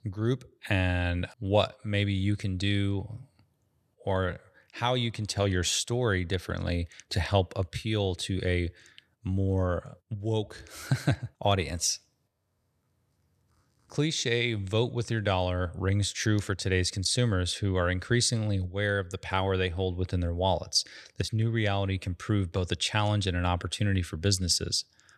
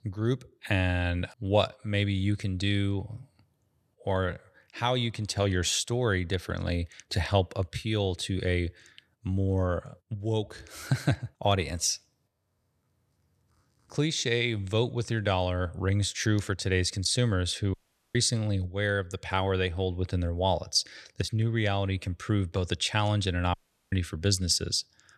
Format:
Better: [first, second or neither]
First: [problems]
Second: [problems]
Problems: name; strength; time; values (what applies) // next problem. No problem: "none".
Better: first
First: none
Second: audio cutting out; at 18 s and at 24 s